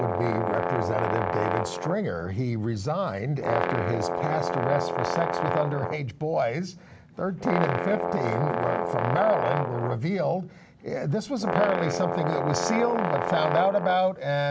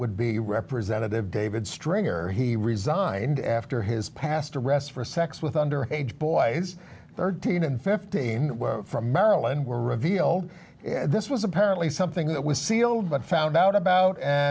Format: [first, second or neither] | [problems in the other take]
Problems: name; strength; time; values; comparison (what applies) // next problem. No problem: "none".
second | background sound (Brass instrument); 2 dB below the speech